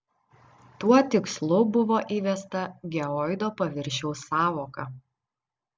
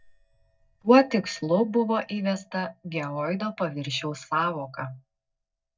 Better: first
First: none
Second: noise reduction (neural mask model DeepFilterNet 3)

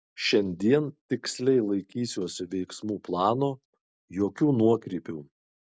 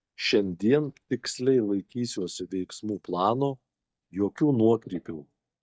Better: first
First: none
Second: noise reduction (neural mask model DeepFilterNet 3)

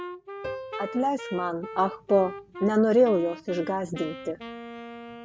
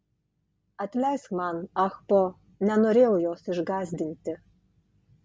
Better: second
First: background sound (Wind instrument, woodwind instrument + Piano); 12 dB below the speech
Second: none

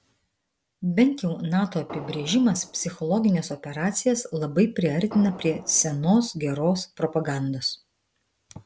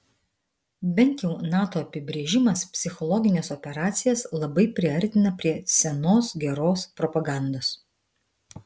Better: second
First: background sound (Fireworks); 17 dB below the speech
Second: none

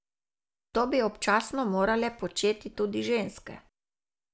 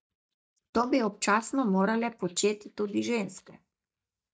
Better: first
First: none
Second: noise reduction (neural mask model DeepFilterNet 3)

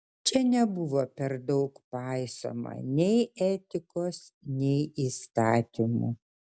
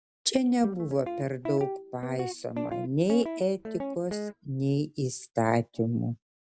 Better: first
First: none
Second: background sound (Guitar); 7 dB below the speech

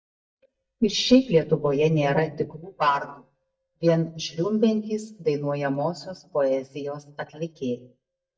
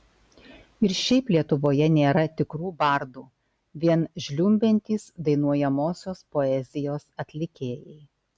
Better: second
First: noise reduction (neural mask model DeepFilterNet 3)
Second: none

